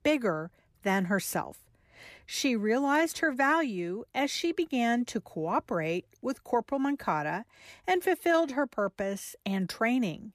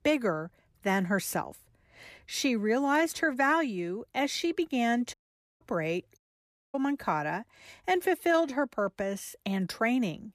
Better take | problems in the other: first | audio cutting out; at 5 s and at 6 s for 0.5 s

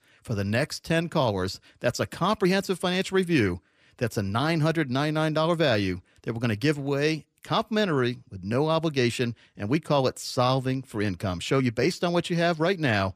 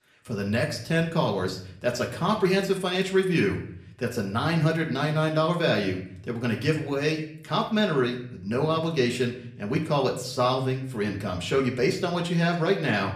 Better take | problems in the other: first | room echo; slight; dies away in 0.5 s // off-mic speech; somewhat distant

